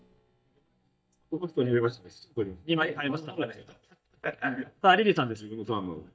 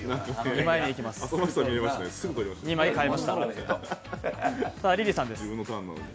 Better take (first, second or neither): second